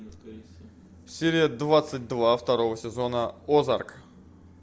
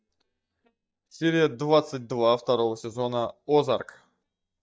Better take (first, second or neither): first